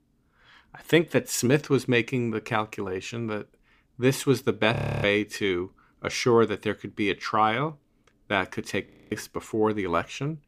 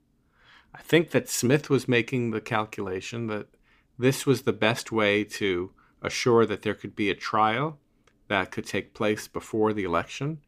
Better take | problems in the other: second | audio freezing; at 5 s and at 9 s

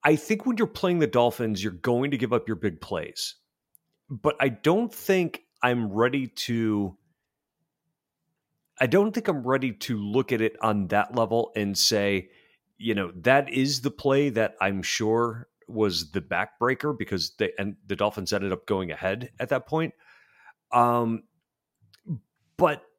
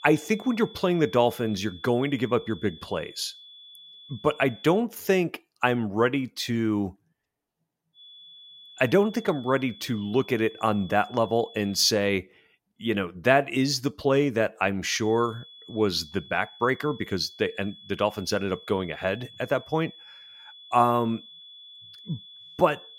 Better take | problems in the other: first | high-pitched whine; noticeable; until 5 s, from 8 to 12 s and from 15 s on; 3.5 kHz, 20 dB below the speech

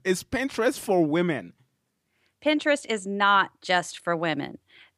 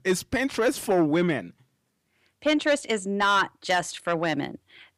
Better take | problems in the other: first | distortion; slight; 10 dB below the speech

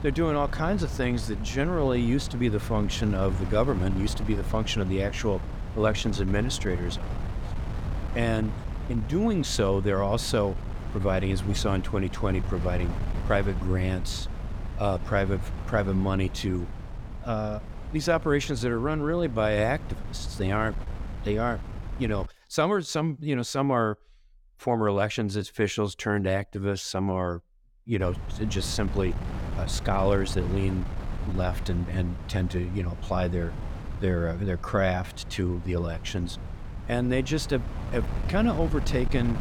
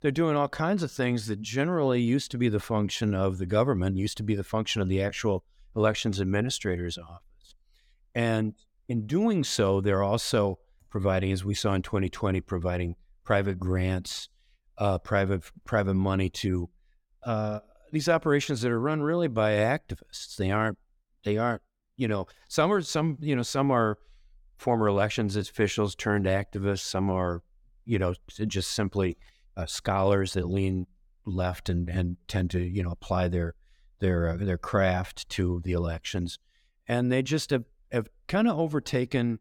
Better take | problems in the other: second | wind noise on the microphone; occasional gusts; until 22 s and from 28 s on; 15 dB below the speech

